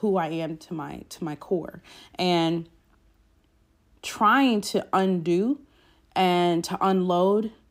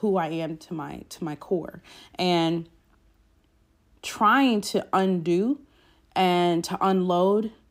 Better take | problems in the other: neither | none

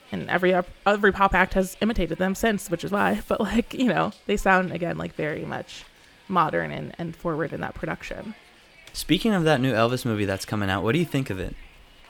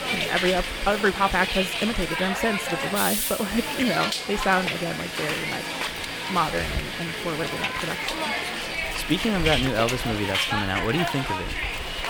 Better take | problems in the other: first | hiss; loud; throughout; as loud as the speech; faint in the first

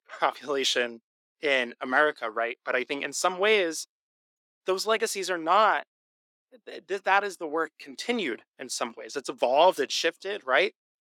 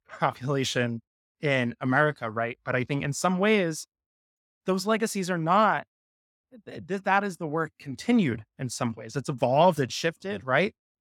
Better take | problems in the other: second | thin; somewhat; fading below 350 Hz

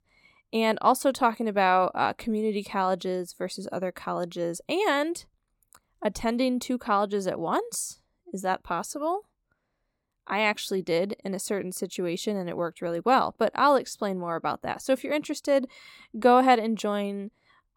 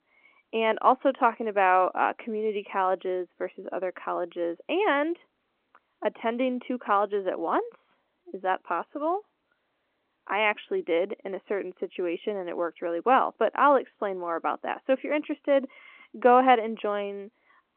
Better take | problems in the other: first | phone-call audio

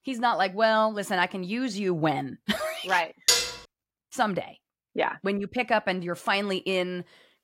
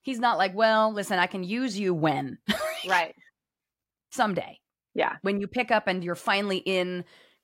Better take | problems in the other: second | clattering dishes; loud; at 3.5 s; peak 5 dB above the speech

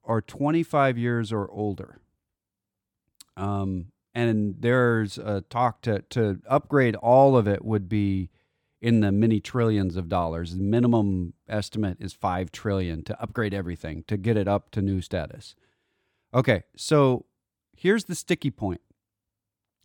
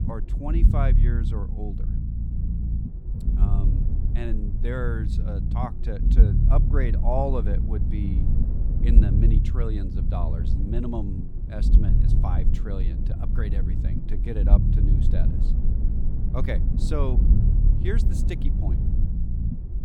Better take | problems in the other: first | low rumble; loud; throughout; 4 dB below the speech

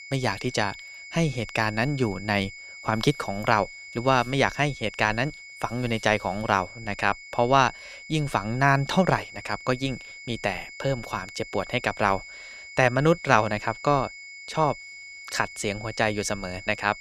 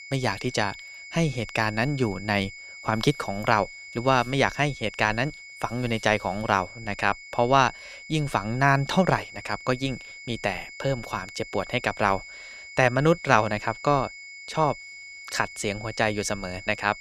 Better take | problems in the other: neither | high-pitched whine; noticeable; throughout; 2 kHz, 15 dB below the speech; the same in both

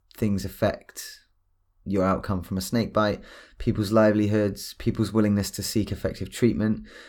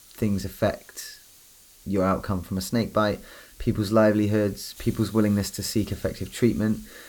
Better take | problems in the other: first | hiss; faint; throughout; 20 dB below the speech

